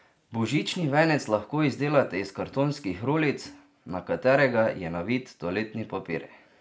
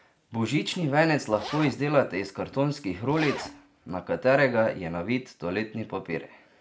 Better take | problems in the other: first | background sound (Zipper (clothing)); 13 dB below the speech

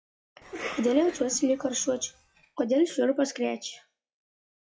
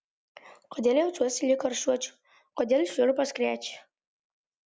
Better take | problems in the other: second | noise reduction (classical method WPE with log-MMSE)

